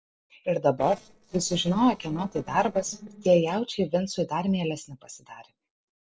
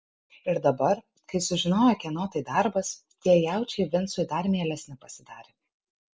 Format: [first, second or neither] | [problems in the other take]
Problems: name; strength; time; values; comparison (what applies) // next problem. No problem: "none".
second | noise reduction (neural separator model SepFormer DNS4)